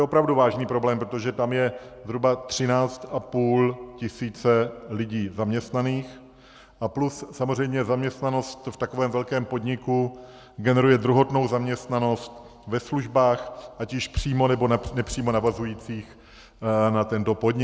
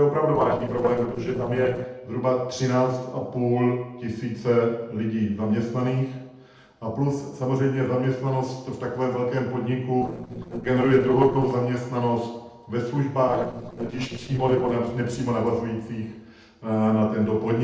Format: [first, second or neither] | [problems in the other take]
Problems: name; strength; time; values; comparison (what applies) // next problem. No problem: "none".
first | noise reduction (neural separator model SepFormer DNS4)